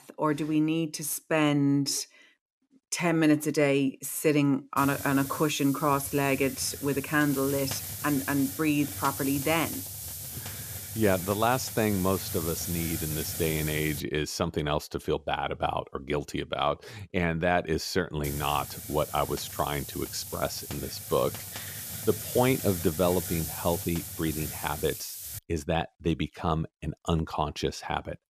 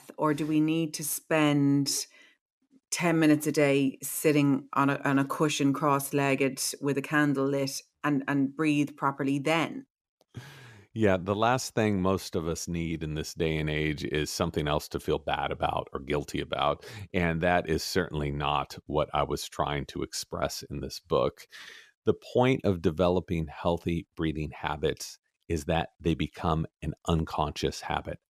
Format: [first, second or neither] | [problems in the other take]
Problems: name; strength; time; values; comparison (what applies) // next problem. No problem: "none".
second | hiss; loud; from 5 to 14 s and from 18 to 25 s; 7 dB below the speech